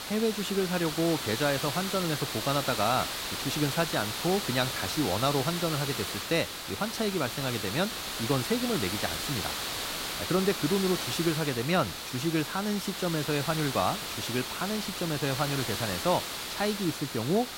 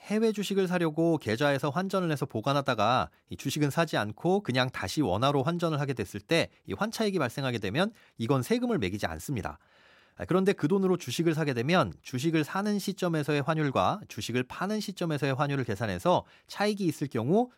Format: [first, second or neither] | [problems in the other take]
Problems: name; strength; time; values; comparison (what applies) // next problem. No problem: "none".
second | hiss; loud; throughout; 3 dB below the speech